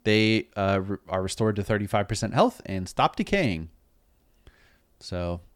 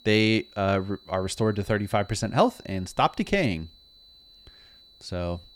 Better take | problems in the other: first | high-pitched whine; faint; throughout; 4 kHz, 25 dB below the speech

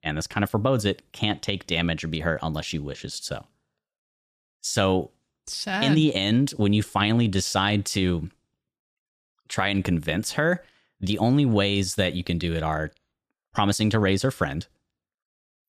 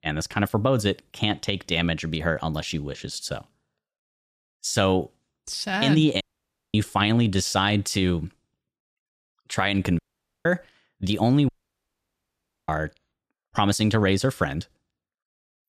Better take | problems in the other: first | audio cutting out; at 6 s for 0.5 s, at 10 s and at 11 s for 1 s

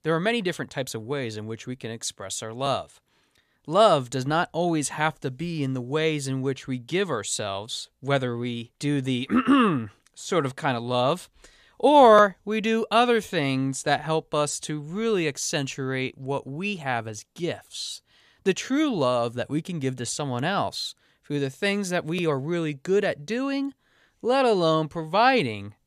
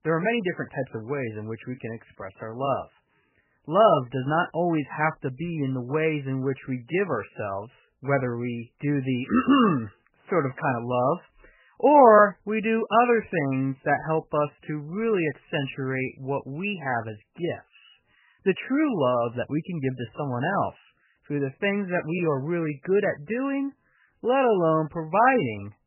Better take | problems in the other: first | garbled, watery; badly; nothing above 3 kHz

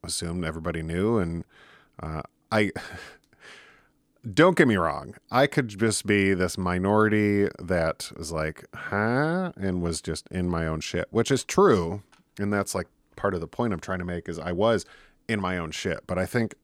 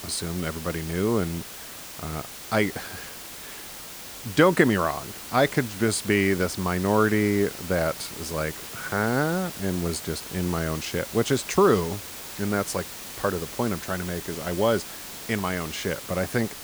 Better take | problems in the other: first | hiss; noticeable; throughout; 10 dB below the speech

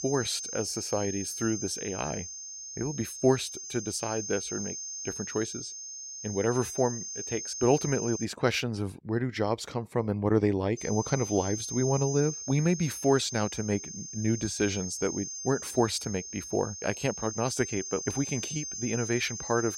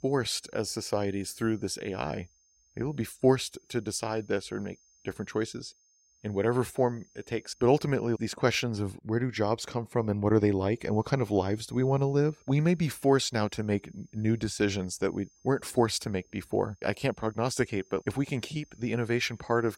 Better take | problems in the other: second | high-pitched whine; loud; until 8 s and from 11 s on; 6.5 kHz, 6 dB below the speech; faint in the second

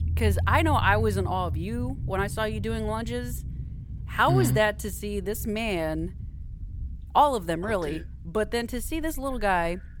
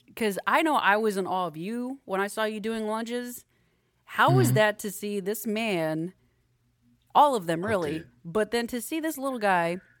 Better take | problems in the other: second | low rumble; faint; throughout; 25 dB below the speech

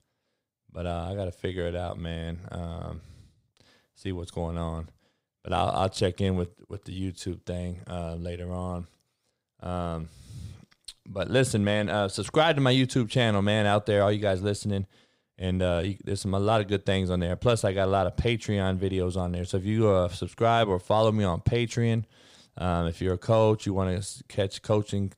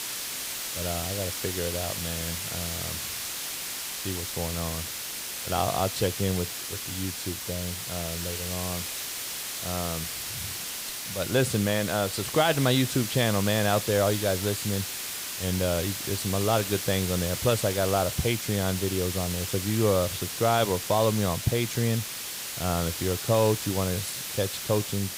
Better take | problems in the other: first | hiss; loud; throughout; 4 dB below the speech

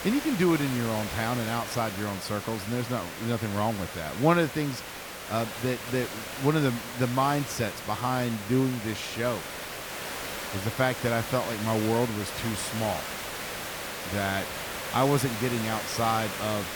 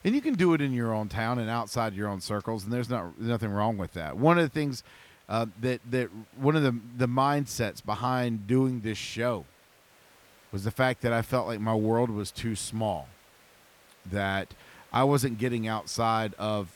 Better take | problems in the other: second | hiss; loud; throughout; 6 dB below the speech; faint in the second

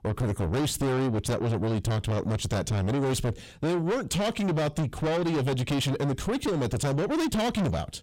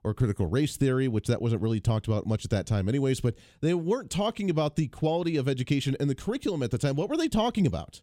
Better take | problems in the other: second | distortion; heavy; 6 dB below the speech

